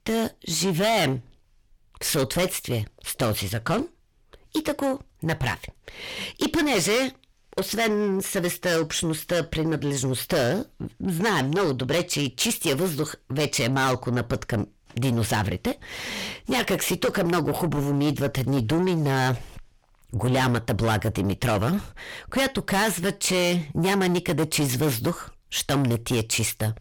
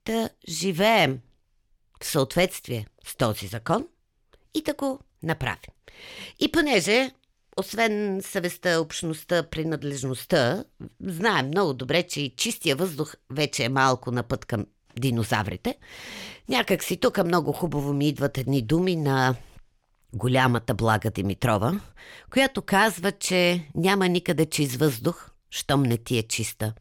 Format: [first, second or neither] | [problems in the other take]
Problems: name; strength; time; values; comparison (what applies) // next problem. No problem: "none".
second | distortion; heavy; 6 dB below the speech